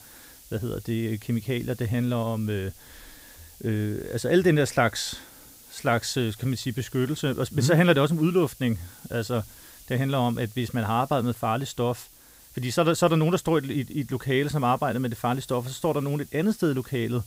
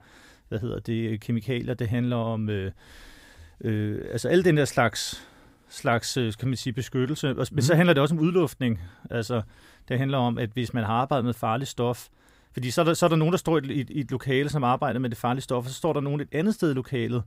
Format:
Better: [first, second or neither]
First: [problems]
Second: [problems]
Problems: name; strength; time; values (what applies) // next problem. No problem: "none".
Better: second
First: hiss; faint; throughout; 20 dB below the speech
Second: none